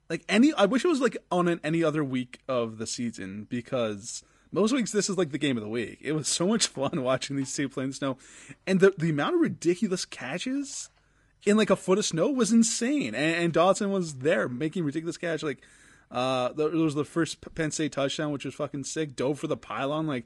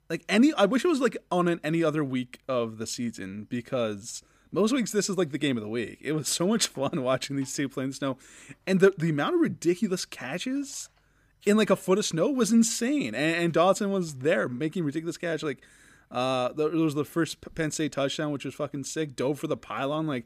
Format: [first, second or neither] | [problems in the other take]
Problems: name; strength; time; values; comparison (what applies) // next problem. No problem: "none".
second | garbled, watery; slightly